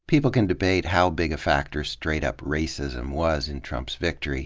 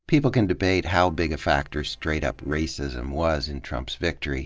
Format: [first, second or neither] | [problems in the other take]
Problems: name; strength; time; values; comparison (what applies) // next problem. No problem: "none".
first | noise reduction (neural separator model SepFormer DNS4)